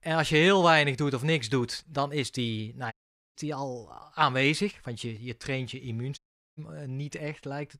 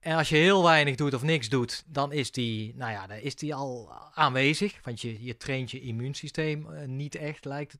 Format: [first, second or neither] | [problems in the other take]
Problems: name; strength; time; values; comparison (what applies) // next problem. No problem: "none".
second | audio cutting out; at 3 s and at 6 s